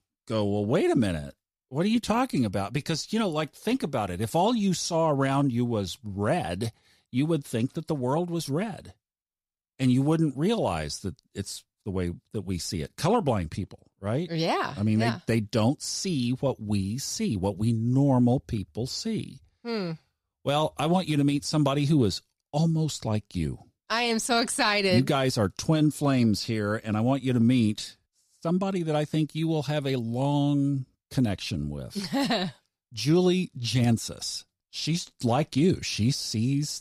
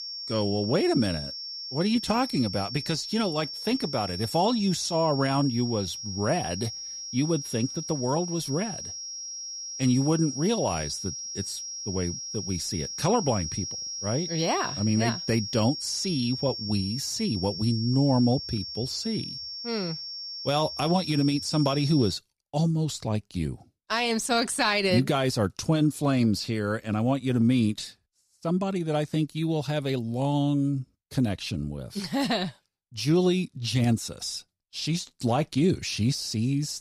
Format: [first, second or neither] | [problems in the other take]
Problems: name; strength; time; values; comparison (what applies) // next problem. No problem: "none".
first | high-pitched whine; loud; until 22 s; 5.5 kHz, 6 dB below the speech